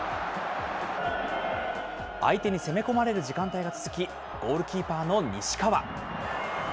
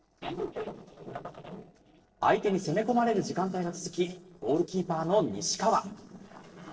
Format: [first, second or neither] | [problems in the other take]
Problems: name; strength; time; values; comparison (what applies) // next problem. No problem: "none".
first | noise reduction (neural separator model SepFormer DNS4)